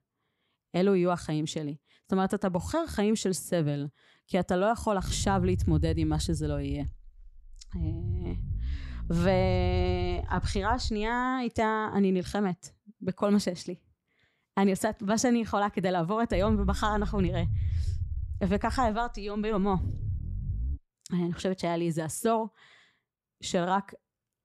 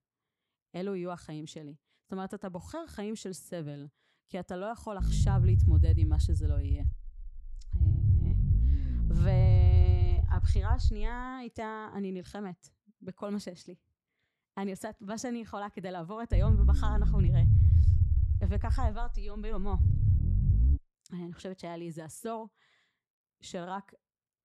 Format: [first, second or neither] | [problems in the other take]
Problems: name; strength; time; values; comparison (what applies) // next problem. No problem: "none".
first | low rumble; loud; from 5 to 11 s and from 16 to 21 s; 2 dB below the speech; faint in the first